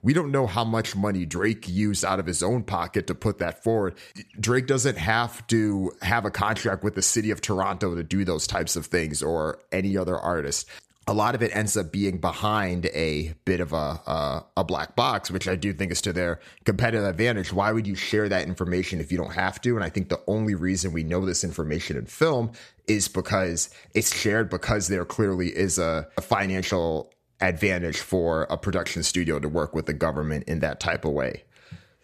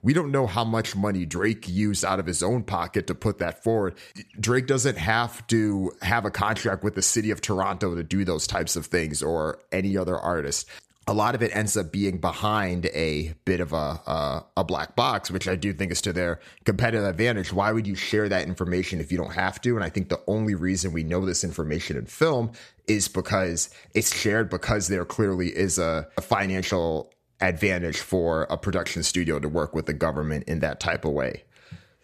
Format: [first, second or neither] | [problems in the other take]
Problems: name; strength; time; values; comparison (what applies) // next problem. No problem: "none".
neither | none